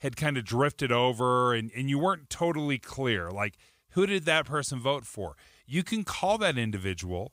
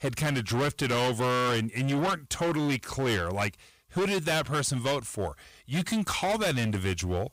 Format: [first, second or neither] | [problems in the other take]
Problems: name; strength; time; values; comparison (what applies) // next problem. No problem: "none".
first | distortion; heavy; 23% of the sound clipped